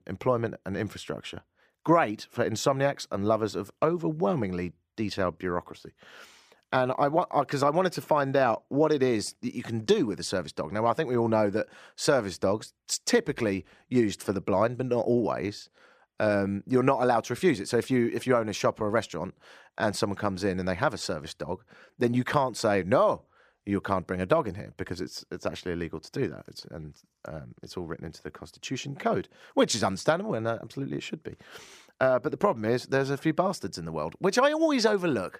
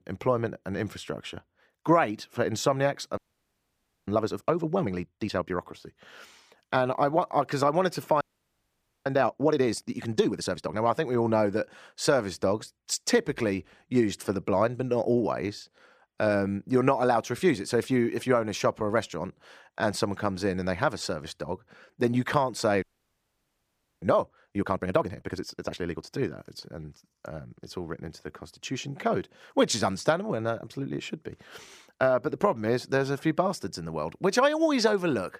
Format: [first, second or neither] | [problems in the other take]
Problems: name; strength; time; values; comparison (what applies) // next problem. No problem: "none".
first | audio freezing; at 3 s for 1 s, at 8 s for 1 s and at 23 s for 1 s